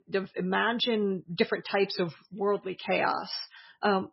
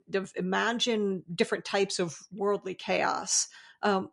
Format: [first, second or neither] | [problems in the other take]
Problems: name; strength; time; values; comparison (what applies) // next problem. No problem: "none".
second | garbled, watery; badly; nothing above 5.5 kHz; slightly in the second